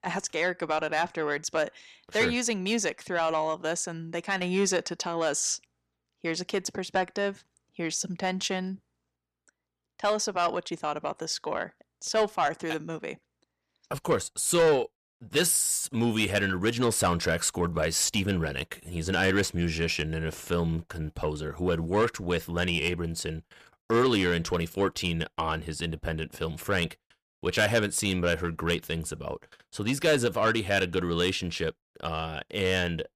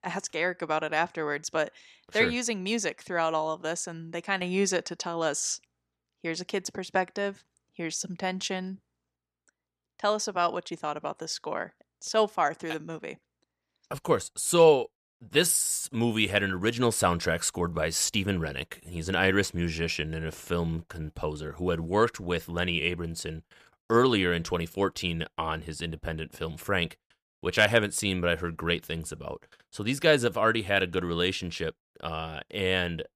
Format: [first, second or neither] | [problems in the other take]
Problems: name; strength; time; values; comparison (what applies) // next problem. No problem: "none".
second | distortion; slight; 10 dB below the speech